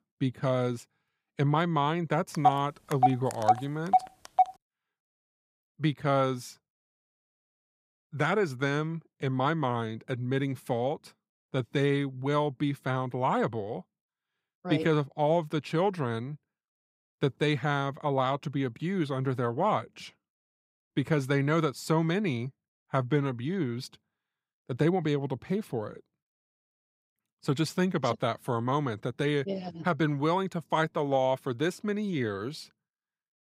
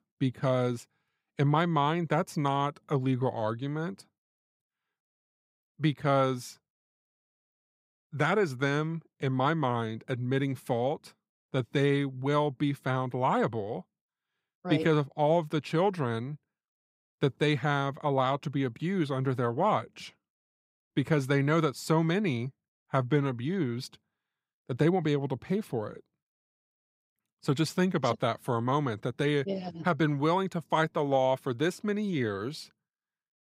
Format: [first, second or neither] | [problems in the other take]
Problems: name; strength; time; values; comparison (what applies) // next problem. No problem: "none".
second | phone ringing; loud; from 2.5 to 4.5 s; peak 2 dB above the speech